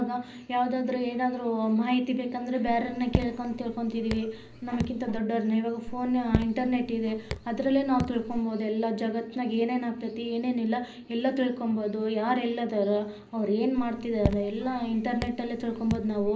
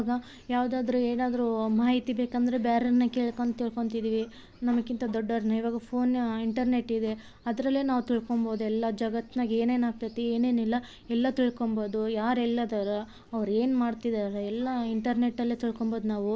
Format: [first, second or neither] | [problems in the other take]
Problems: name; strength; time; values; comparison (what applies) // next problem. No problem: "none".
second | background sound (Raindrop / Drip); 7 dB below the speech // room echo; dies away in 0.5 s